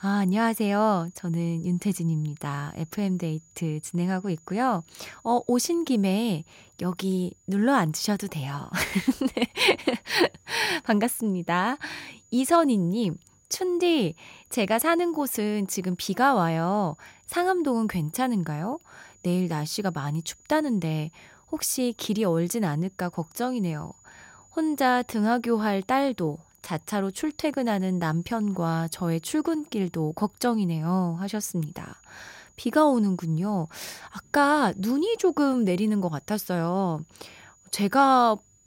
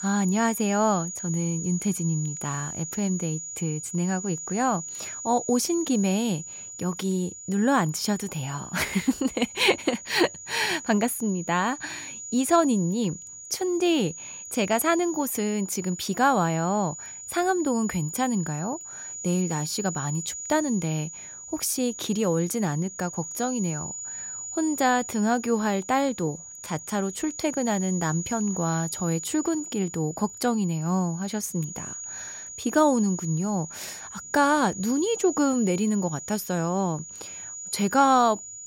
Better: first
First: high-pitched whine; faint; throughout; 7 kHz, 30 dB below the speech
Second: high-pitched whine; loud; throughout; 7 kHz, 9 dB below the speech

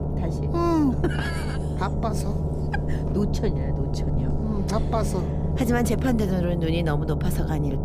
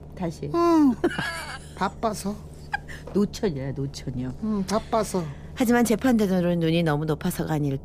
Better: second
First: low rumble; loud; throughout; 5 dB below the speech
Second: low rumble; faint; throughout; 25 dB below the speech

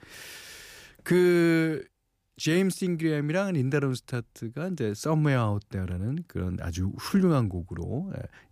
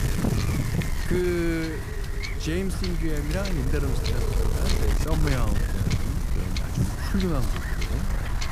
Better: first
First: none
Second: wind noise on the microphone; heavy; 1 dB below the speech

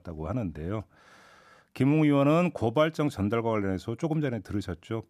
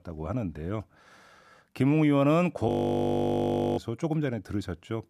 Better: first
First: none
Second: audio freezing; at 2.5 s for 1 s

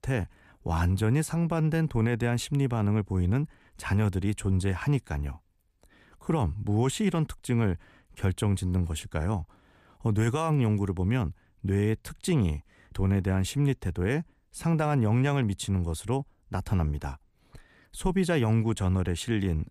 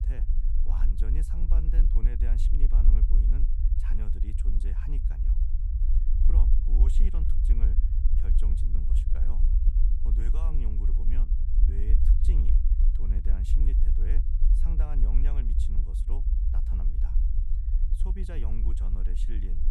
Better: first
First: none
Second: low rumble; loud; throughout; as loud as the speech

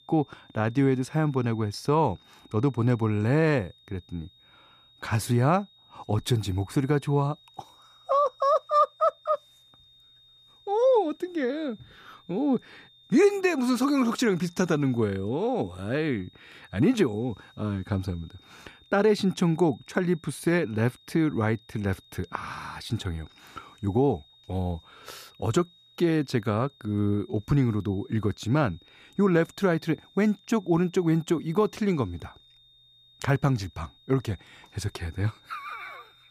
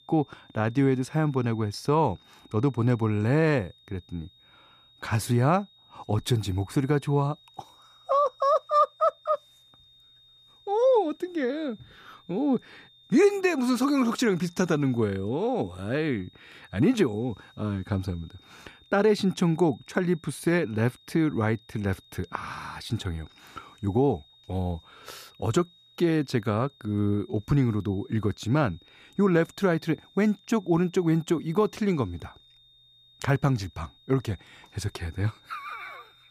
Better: neither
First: high-pitched whine; faint; throughout; 3.5 kHz, 30 dB below the speech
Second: high-pitched whine; faint; throughout; 3.5 kHz, 30 dB below the speech

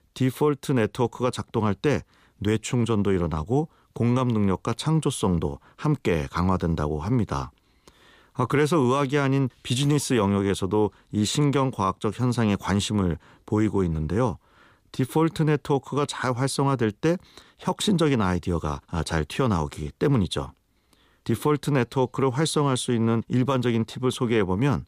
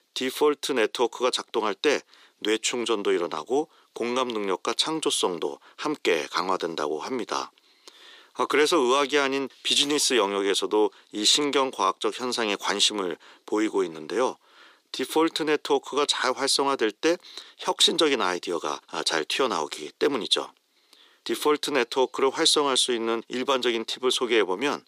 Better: first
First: none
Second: thin; somewhat; fading below 350 Hz

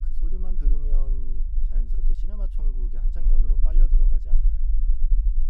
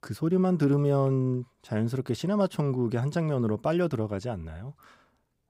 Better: second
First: low rumble; loud; throughout; 2 dB below the speech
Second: none

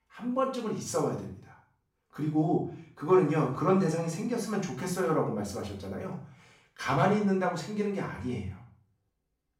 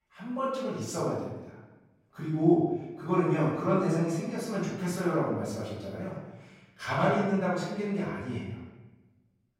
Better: first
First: room echo; slight; dies away in 0.4 s // off-mic speech; far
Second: room echo; strong; dies away in 1 s // off-mic speech; far

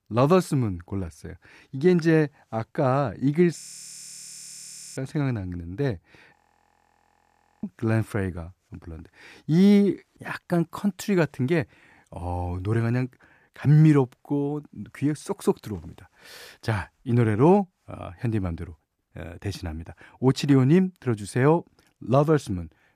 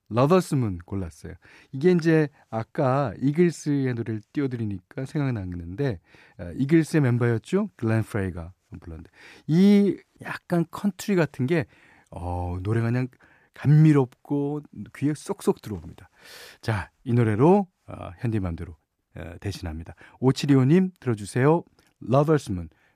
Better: second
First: audio freezing; at 3.5 s for 1.5 s and at 6.5 s for 1.5 s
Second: none

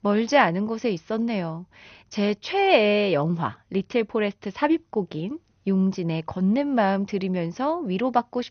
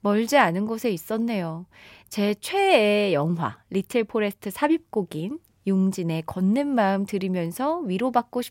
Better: second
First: garbled, watery; slightly; nothing above 6.5 kHz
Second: none

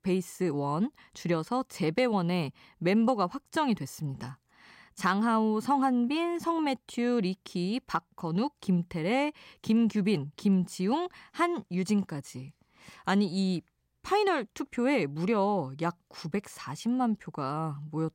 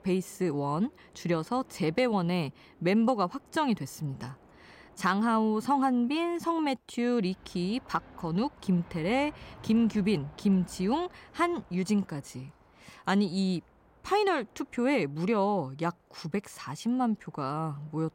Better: first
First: none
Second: train or aircraft noise; faint; throughout; 25 dB below the speech

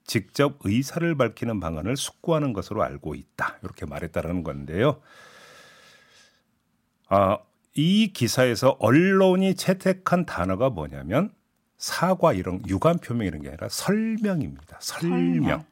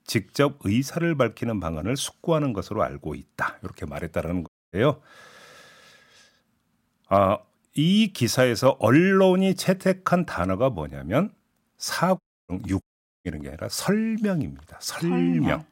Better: first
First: none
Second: audio cutting out; at 4.5 s, at 12 s and at 13 s

